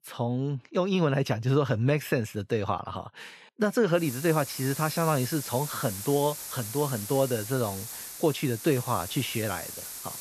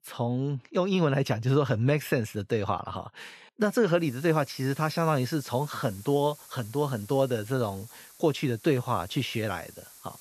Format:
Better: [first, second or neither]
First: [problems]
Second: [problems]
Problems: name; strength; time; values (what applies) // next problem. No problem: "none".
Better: second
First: hiss; loud; from 4 s on; 8 dB below the speech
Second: hiss; faint; from 4 s on; 20 dB below the speech